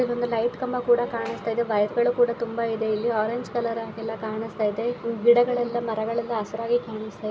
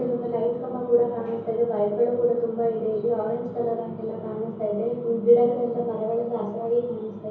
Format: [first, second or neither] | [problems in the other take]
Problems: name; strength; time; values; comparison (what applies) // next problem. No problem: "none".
first | room echo; dies away in 0.9 s